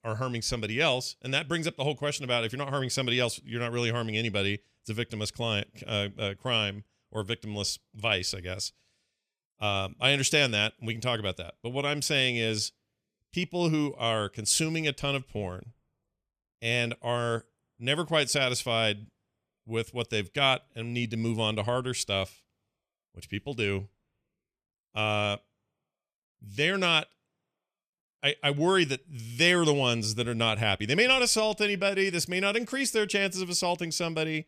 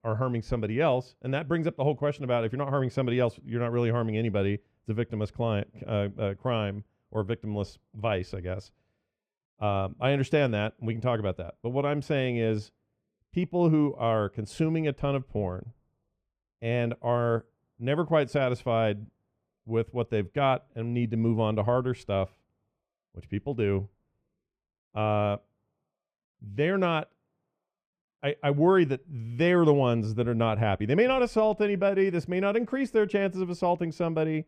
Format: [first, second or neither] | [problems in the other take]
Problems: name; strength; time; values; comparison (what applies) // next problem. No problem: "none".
first | muffled; very; fading above 2.5 kHz